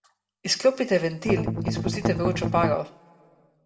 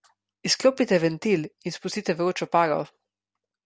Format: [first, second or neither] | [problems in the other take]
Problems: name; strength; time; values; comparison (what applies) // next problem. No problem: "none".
second | background sound (Strum); 1 dB above the speech // room echo; dies away in 1.1 s